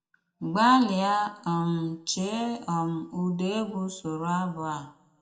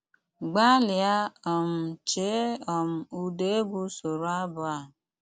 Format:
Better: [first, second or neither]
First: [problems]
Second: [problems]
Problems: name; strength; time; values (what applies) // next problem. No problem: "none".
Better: second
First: room echo; dies away in 0.5 s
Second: none